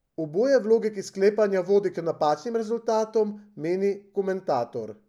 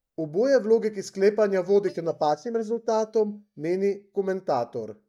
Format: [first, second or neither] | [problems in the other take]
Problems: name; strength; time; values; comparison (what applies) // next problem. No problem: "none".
first | noise reduction (neural mask model DeepFilterNet 3)